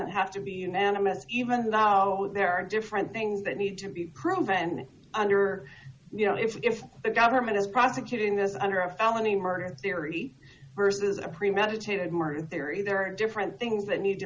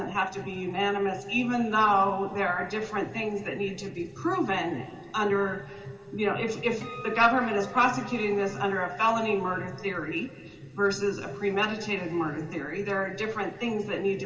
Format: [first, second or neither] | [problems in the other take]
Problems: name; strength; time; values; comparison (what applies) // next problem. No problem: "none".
first | background sound (Acoustic guitar); 17 dB below the speech // room echo; dies away in 2.2 s